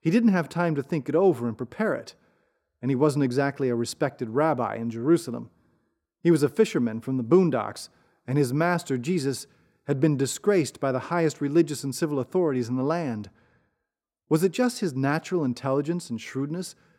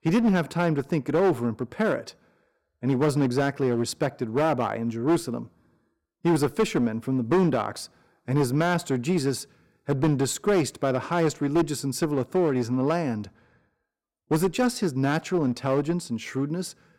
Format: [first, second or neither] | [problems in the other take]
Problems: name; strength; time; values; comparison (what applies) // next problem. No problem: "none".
first | distortion; slight; 9% of the sound clipped